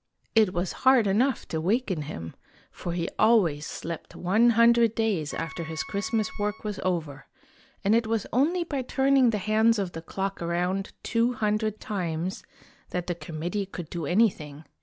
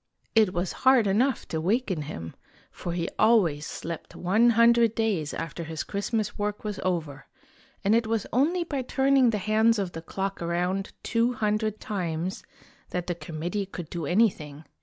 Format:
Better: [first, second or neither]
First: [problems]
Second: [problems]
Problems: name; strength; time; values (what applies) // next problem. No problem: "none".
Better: second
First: background sound (Wind instrument, woodwind instrument); 19 dB below the speech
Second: none